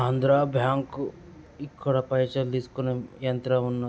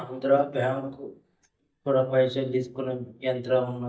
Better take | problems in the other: first | noise reduction (neural mask model DeepFilterNet 3)

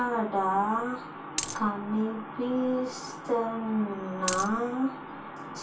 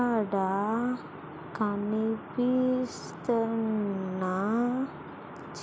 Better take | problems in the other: second | background sound (Coin (dropping)); 4 dB below the speech // room echo; dies away in 0.2 s

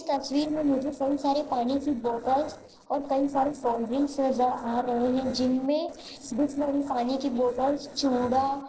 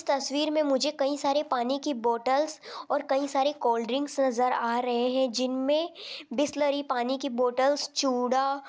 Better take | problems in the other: second | noise reduction (neural separator model SepFormer DNS4)

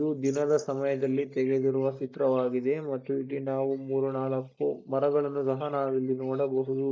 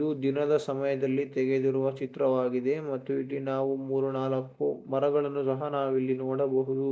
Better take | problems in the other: second | noise reduction (neural mask model DeepFilterNet 3)

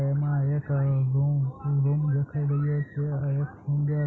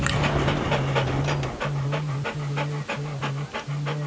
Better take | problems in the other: first | background sound (Gunshot, gunfire + Dog); as loud as the speech

